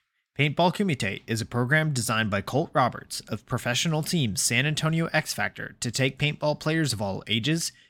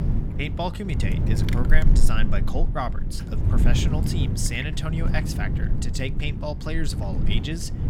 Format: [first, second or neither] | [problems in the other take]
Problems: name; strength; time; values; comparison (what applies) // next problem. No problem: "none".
first | wind noise on the microphone; heavy; 6 dB below the speech